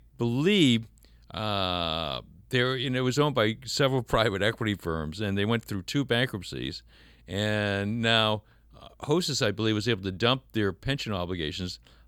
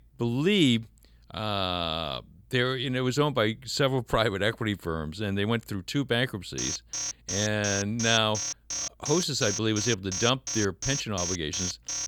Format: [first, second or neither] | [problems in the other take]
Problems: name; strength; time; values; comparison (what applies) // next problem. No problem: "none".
first | alarm; noticeable; from 6.5 s on; peak 3 dB below the speech